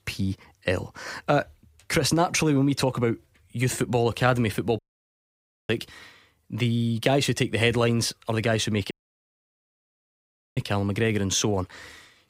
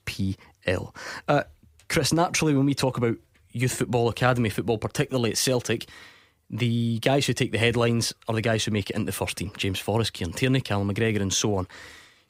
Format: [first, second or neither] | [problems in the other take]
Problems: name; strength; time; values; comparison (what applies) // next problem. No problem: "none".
second | audio cutting out; at 5 s for 1 s and at 9 s for 1.5 s